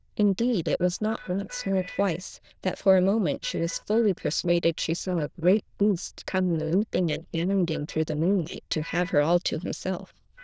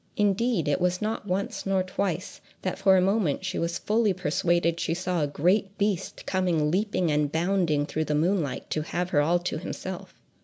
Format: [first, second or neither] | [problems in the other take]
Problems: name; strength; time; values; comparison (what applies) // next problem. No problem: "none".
second | noise reduction (neural diffusion model UNIVERSE++)